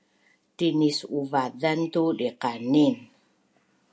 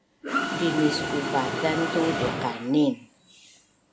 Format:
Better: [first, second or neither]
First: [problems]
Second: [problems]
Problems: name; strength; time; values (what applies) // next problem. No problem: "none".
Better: first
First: none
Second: background sound (Mechanisms); 3 dB below the speech